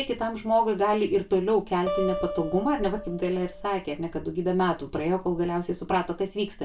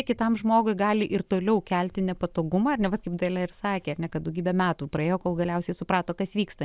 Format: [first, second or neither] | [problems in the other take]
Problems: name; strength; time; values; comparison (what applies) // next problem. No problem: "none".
second | background sound (Acoustic guitar); 10 dB below the speech // room echo; dies away in 0.2 s